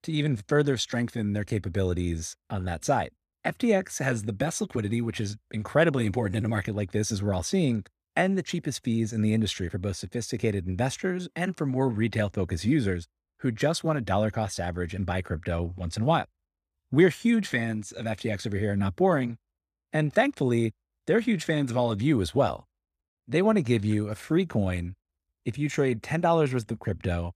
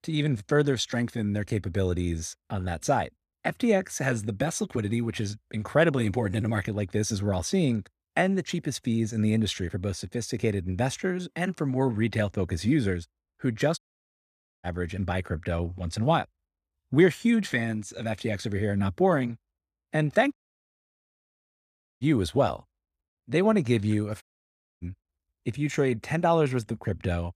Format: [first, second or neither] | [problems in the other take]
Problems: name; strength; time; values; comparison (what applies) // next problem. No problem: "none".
first | audio cutting out; at 14 s for 1 s, at 20 s for 1.5 s and at 24 s for 0.5 s